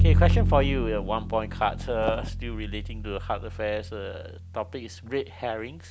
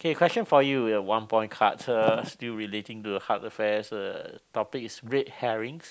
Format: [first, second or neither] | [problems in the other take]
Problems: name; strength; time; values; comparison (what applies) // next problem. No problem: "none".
second | background sound (Bowed string instrument); 2 dB above the speech